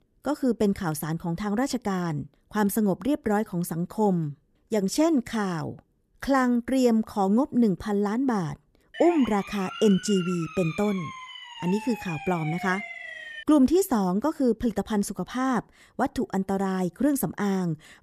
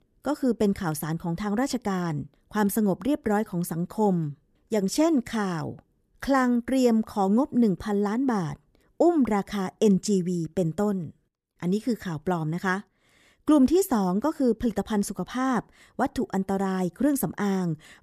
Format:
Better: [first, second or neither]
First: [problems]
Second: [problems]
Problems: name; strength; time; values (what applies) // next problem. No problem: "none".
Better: second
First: siren; noticeable; from 9 to 13 s; peak 9 dB below the speech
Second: none